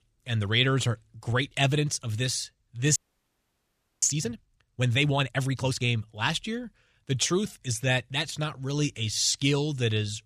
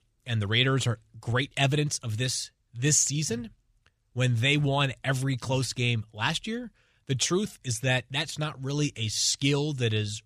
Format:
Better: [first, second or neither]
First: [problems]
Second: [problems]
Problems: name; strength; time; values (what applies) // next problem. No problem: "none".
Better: second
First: audio freezing; at 3 s for 1 s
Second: none